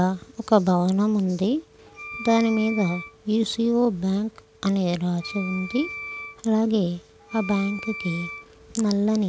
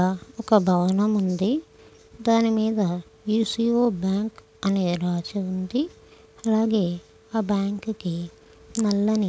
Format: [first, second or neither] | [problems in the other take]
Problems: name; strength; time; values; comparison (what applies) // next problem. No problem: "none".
second | background sound (Wind instrument, woodwind instrument); 13 dB below the speech